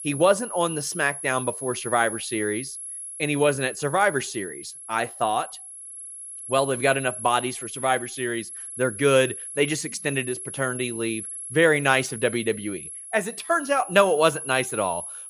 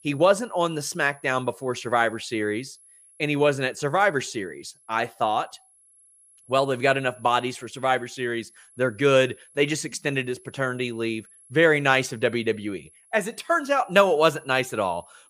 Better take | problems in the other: second | high-pitched whine; loud; throughout; 11 kHz, 9 dB below the speech; faint in the second

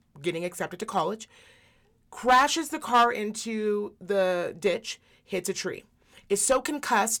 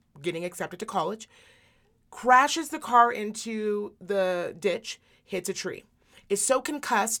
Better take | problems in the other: second | distortion; slight; 1.3% of the sound clipped

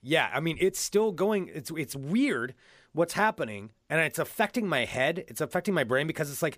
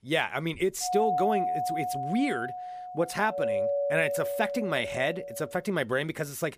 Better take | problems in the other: first | doorbell; loud; from 1 to 5.5 s; peak 3 dB above the speech

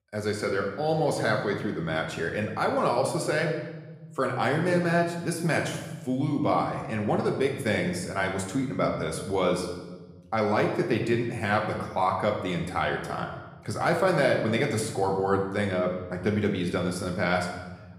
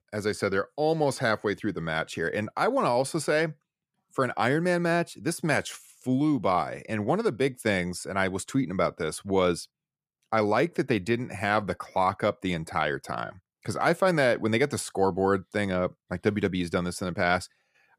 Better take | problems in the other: second | room echo; noticeable; dies away in 1.1 s // off-mic speech; somewhat distant

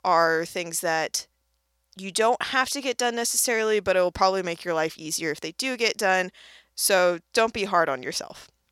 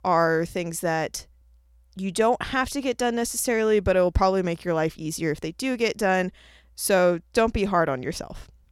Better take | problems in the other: second | thin; somewhat; fading below 700 Hz

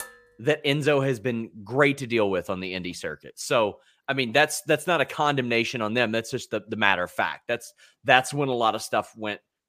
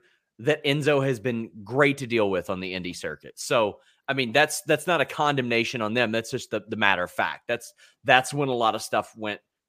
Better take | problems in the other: second | clattering dishes; faint; at the start; peak 15 dB below the speech

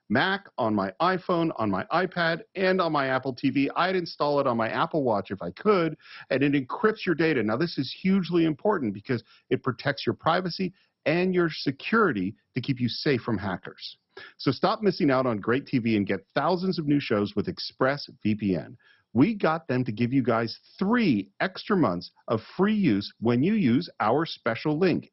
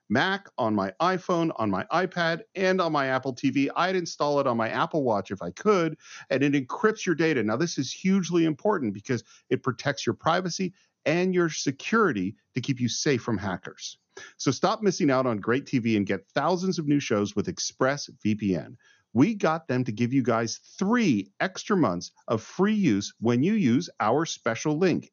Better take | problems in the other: second | garbled, watery; badly; nothing above 5.5 kHz; slightly in the second

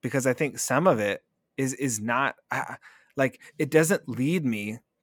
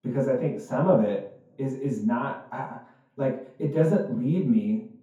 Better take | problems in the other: first | room echo; noticeable; dies away in 0.6 s // off-mic speech; far

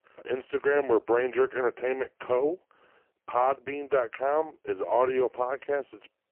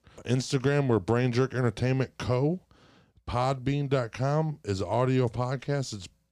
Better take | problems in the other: second | phone-call audio; poor line

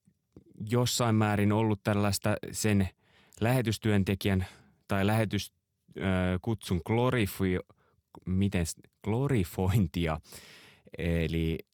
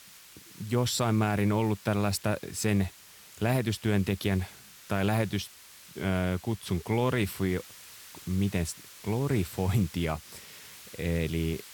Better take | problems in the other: first | hiss; noticeable; throughout; 20 dB below the speech

